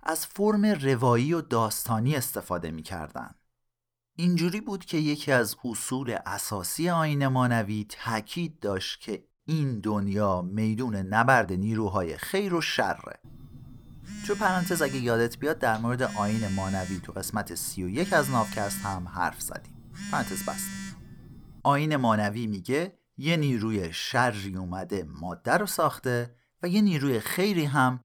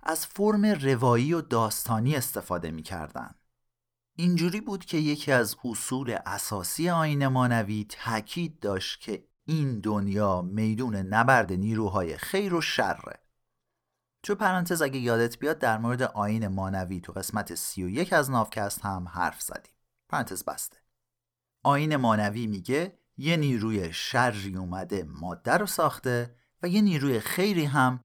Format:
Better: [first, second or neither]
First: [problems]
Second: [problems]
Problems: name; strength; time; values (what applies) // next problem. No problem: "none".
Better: second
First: phone ringing; noticeable; from 13 to 22 s; peak 8 dB below the speech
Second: none